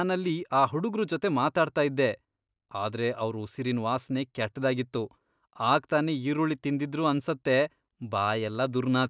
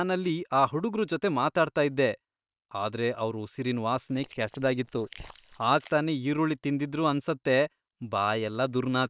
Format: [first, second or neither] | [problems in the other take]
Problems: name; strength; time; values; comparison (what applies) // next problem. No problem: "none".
first | noise reduction (neural separator model SepFormer WHAM!)